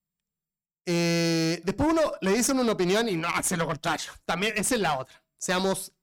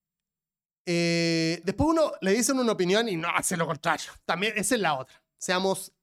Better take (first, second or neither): second